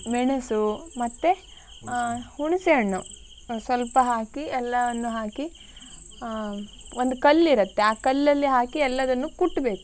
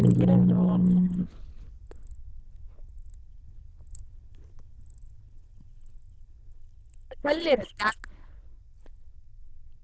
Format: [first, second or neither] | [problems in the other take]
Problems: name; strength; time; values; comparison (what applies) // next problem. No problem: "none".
first | noise reduction (neural diffusion model UNIVERSE++)